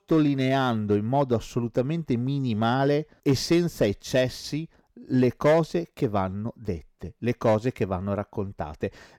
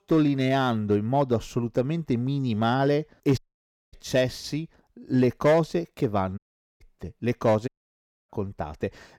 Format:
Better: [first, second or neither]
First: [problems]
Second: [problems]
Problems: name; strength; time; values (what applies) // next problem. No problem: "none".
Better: first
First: none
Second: audio cutting out; at 3.5 s for 0.5 s, at 6.5 s and at 7.5 s for 0.5 s